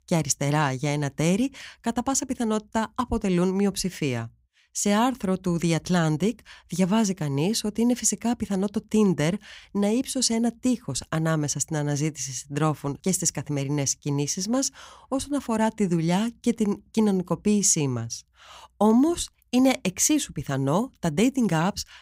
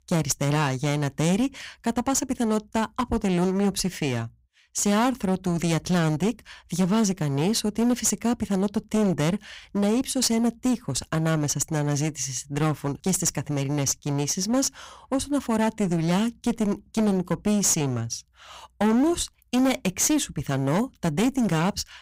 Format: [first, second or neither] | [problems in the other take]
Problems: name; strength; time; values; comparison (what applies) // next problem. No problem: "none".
first | distortion; slight; 12% of the sound clipped